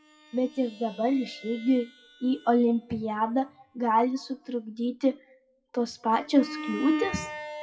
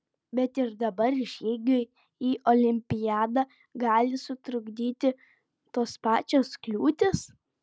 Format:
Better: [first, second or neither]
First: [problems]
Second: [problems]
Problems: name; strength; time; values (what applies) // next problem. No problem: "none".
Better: second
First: noise reduction (classical method WPE with log-MMSE)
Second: none